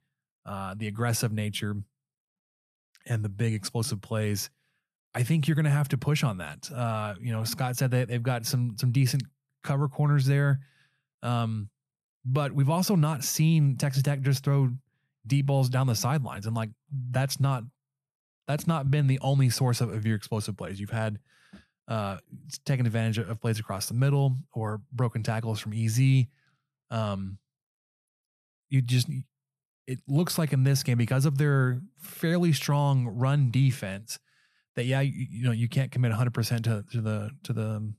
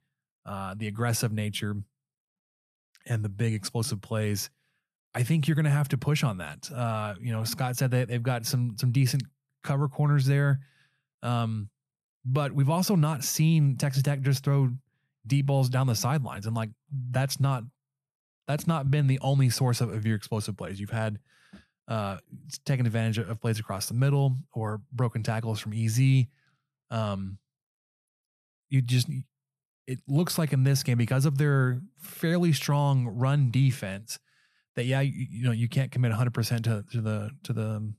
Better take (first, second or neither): neither